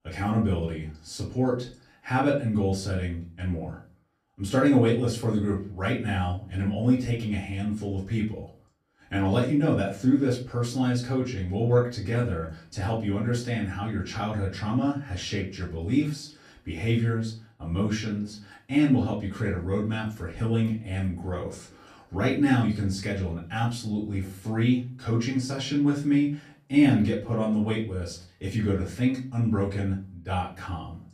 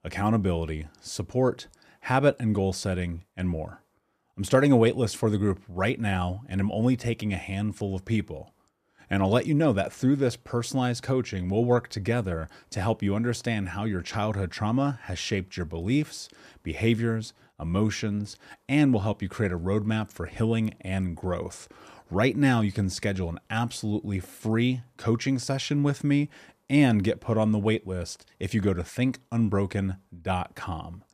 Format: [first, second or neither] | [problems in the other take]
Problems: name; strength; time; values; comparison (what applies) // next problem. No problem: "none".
second | off-mic speech; far // room echo; slight; dies away in 0.3 s